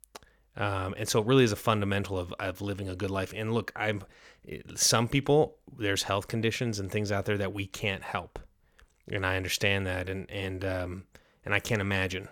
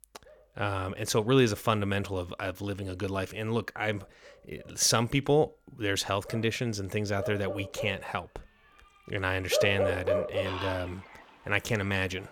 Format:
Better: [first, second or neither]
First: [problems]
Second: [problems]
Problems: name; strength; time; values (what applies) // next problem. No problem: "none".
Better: first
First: none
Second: animal sounds; loud; throughout; 4 dB below the speech